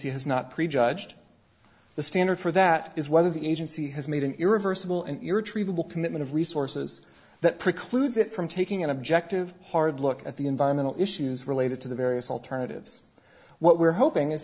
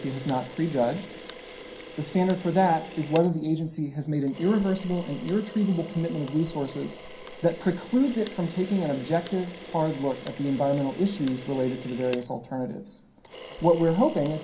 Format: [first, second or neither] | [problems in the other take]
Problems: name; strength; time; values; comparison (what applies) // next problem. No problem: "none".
first | background sound (Camera); 16 dB below the speech // room echo; dies away in 0.3 s